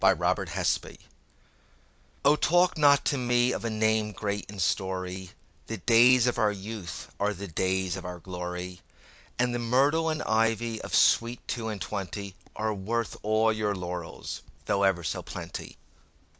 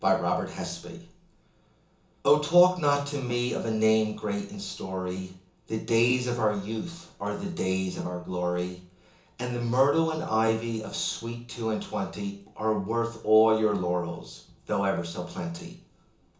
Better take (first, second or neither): first